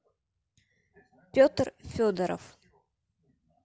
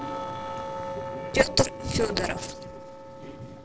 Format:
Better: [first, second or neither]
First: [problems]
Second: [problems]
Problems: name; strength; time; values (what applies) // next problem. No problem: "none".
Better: first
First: none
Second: noise reduction (neural separator model SepFormer DNS4)